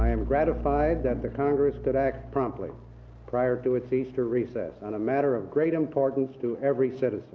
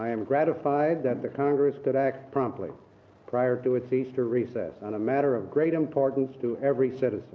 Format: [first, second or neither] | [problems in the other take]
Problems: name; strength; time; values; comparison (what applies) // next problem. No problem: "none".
second | background sound (Bowed string instrument); 10 dB below the speech